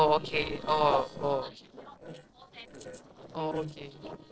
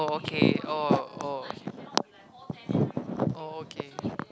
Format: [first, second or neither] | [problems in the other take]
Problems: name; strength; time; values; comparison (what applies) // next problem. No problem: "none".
second | noise reduction (neural separator model SepFormer DNS4)